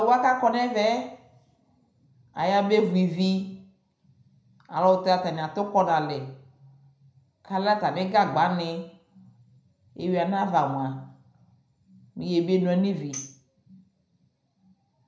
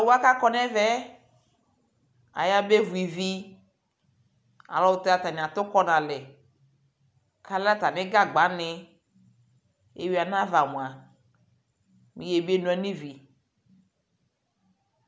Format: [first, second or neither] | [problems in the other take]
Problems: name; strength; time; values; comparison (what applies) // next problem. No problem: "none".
second | background sound (Tambourine); 18 dB below the speech // room echo; dies away in 0.5 s